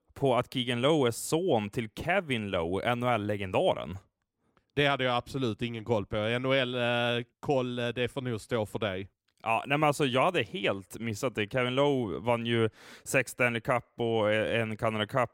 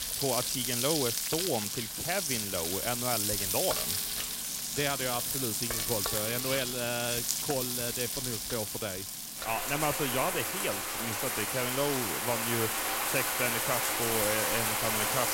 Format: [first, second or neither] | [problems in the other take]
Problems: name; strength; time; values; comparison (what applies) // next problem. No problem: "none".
first | household noises; very loud; throughout; 4 dB above the speech